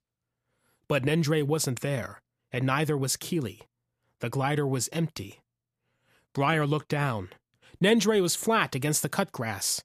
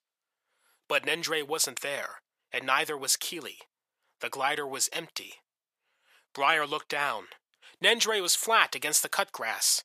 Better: first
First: none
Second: thin; very; fading below 700 Hz

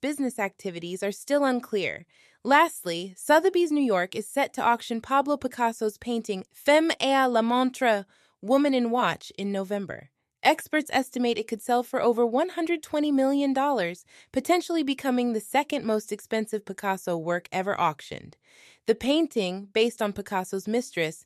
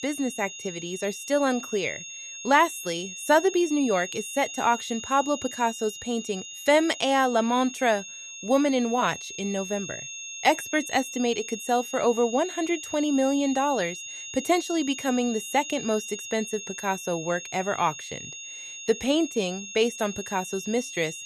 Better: first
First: none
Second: high-pitched whine; loud; throughout; 6.5 kHz, 10 dB below the speech

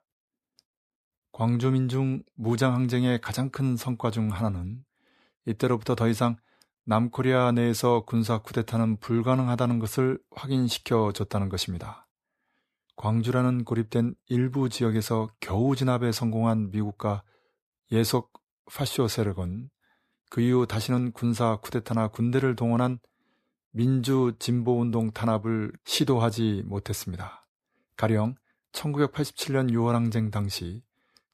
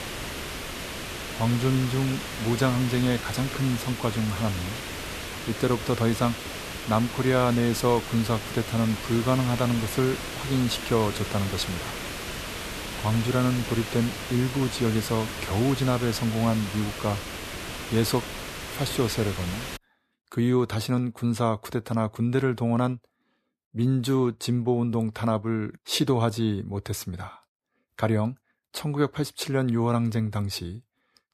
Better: first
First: none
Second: hiss; loud; until 20 s; 7 dB below the speech

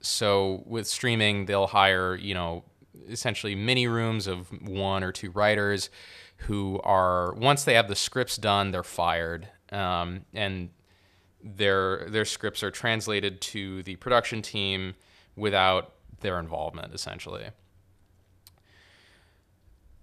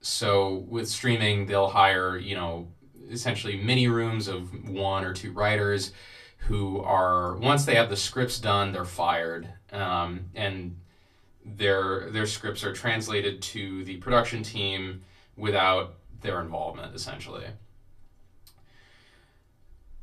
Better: first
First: none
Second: off-mic speech; far // room echo; very slight; dies away in 0.2 s

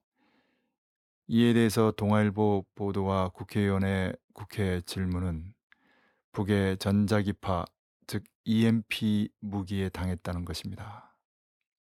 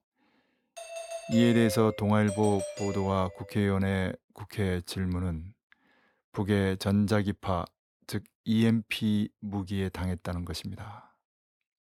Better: first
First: none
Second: doorbell; noticeable; from 1 to 3.5 s; peak 6 dB below the speech

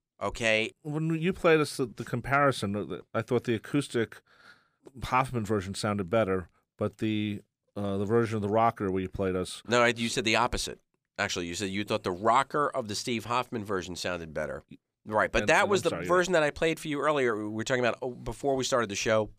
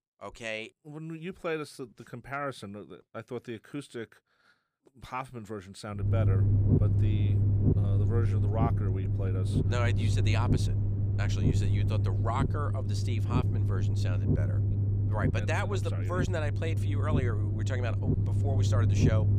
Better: first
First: none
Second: low rumble; loud; from 6 s on; 2 dB below the speech

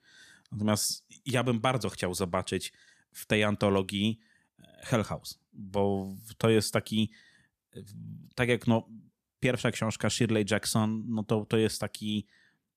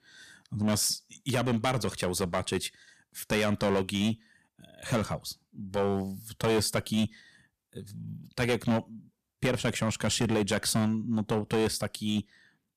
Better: first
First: none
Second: distortion; heavy; 6% of the sound clipped

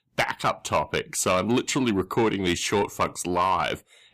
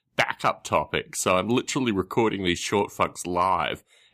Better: second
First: distortion; slight; 10 dB below the speech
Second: none

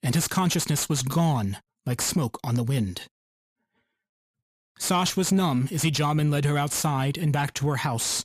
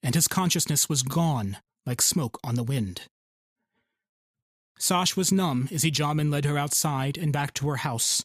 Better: second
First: distortion; slight; 10 dB below the speech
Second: none

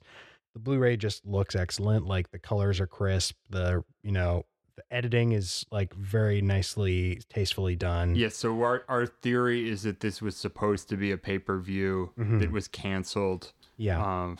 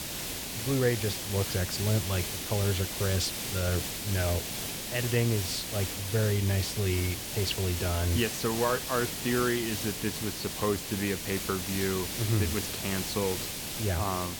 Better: first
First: none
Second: hiss; loud; throughout; 3 dB below the speech

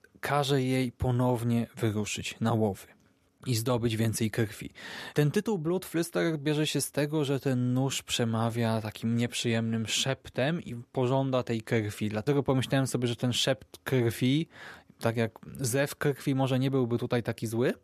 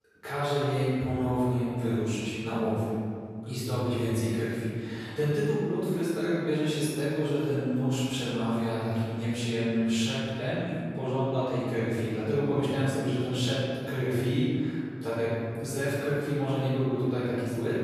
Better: first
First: none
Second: off-mic speech; far // room echo; strong; dies away in 2.1 s

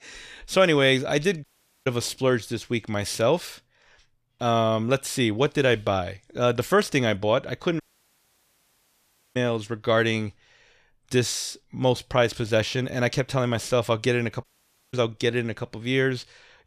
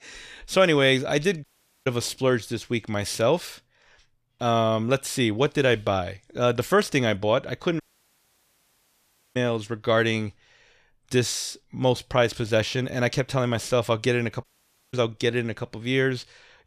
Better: neither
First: audio cutting out; at 1.5 s, at 8 s for 1.5 s and at 14 s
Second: audio cutting out; at 1.5 s, at 8 s for 1.5 s and at 14 s

